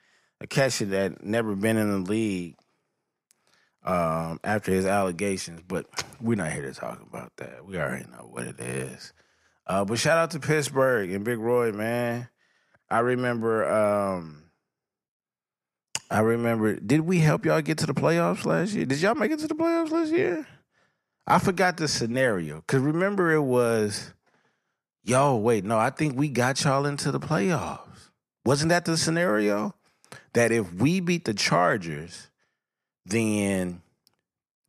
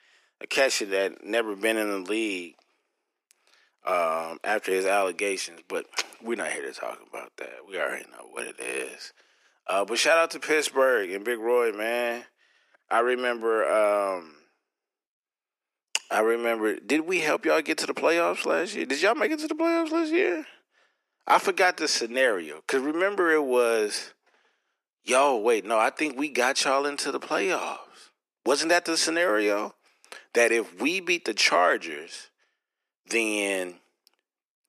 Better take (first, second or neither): first